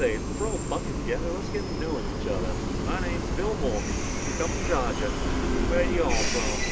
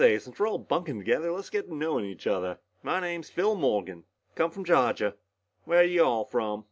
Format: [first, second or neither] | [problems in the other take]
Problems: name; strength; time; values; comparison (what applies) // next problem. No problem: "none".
second | background sound (Train); 4 dB above the speech